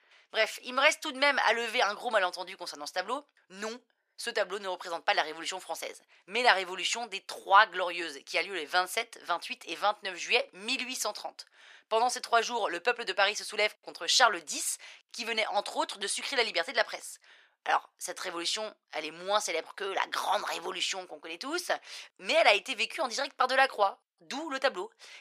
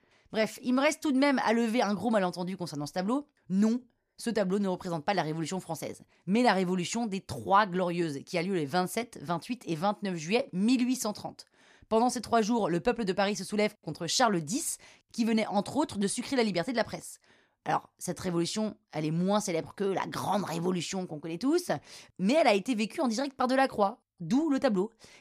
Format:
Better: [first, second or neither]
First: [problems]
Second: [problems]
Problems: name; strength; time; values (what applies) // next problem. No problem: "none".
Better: second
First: thin; very; fading below 500 Hz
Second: none